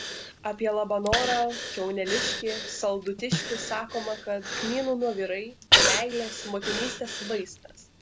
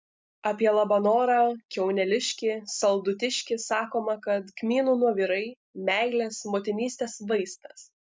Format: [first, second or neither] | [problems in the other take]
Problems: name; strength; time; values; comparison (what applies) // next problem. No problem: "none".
second | background sound (Breathing); as loud as the speech